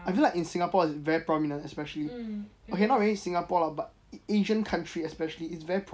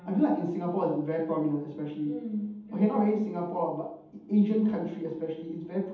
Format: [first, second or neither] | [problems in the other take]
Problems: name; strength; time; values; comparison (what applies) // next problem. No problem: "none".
first | room echo; dies away in 0.8 s